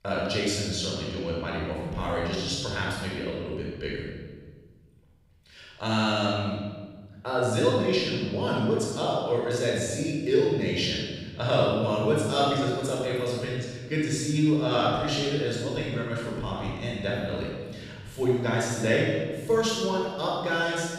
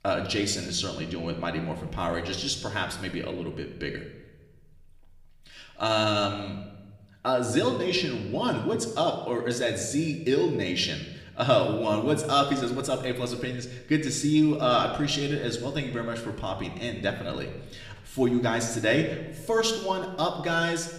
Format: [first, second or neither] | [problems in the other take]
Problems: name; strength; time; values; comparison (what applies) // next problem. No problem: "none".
second | room echo; strong; dies away in 1.4 s; slight in the second // off-mic speech; far; somewhat distant in the second